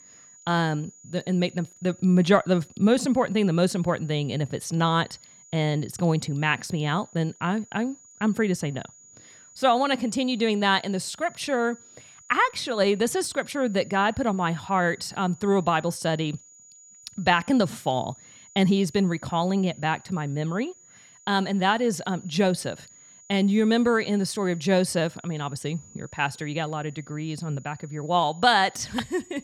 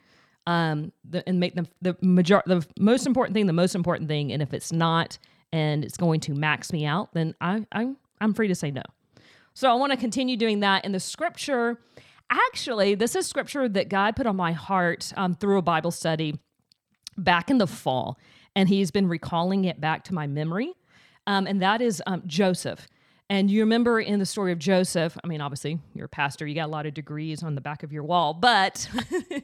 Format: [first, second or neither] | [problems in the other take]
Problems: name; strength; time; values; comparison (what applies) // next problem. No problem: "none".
second | high-pitched whine; faint; throughout; 7 kHz, 25 dB below the speech